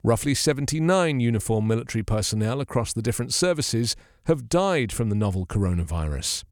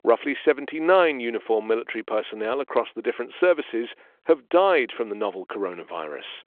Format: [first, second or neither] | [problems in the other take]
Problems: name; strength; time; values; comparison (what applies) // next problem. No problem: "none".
first | phone-call audio